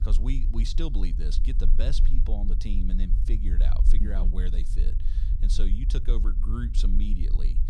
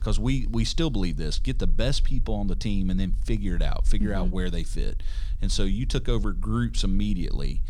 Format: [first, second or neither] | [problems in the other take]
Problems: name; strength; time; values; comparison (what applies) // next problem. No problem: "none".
second | low rumble; loud; throughout; 8 dB below the speech; faint in the second